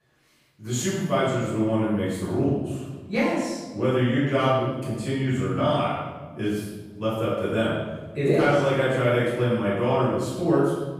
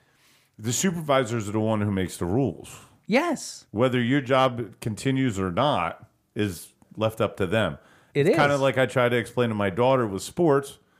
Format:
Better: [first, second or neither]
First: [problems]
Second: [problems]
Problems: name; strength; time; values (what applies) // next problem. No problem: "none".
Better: second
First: off-mic speech; far // room echo; strong; dies away in 1.2 s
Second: none